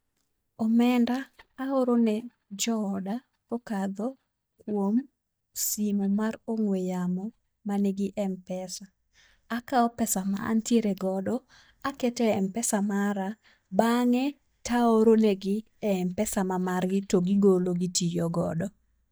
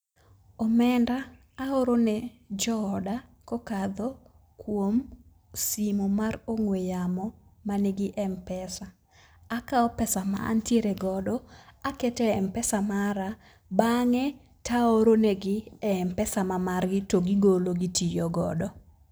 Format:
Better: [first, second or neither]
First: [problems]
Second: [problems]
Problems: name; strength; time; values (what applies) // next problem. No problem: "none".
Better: second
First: noise reduction (neural mask model DeepFilterNet 3)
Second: none